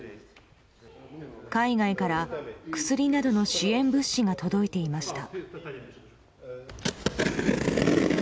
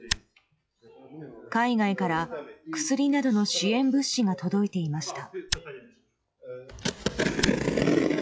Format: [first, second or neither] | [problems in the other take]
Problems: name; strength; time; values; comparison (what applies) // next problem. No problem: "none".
first | noise reduction (classical method log-MMSE)